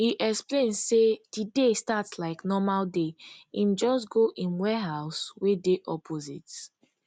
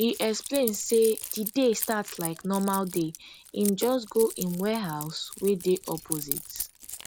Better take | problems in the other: first | background sound (Keys jangling); 11 dB below the speech

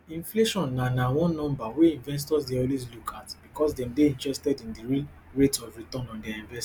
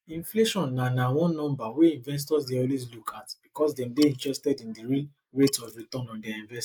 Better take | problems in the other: first | noise reduction (neural mask model Resemble Enhance denoiser)

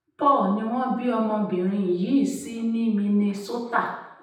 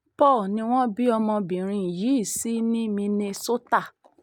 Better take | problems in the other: second | room echo; dies away in 0.9 s

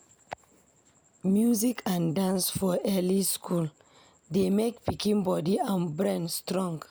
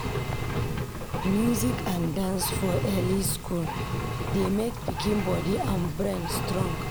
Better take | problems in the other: first | background sound (Engine); 1 dB below the speech

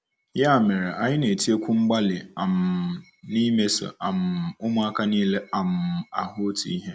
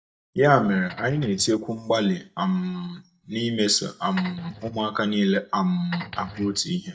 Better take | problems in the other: first | noise reduction (neural mask model DeepFilterNet 3)

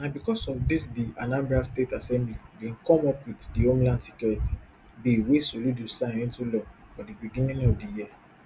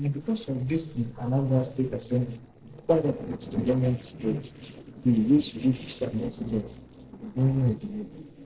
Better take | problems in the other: first | noise reduction (neural separator model SepFormer DNS4)

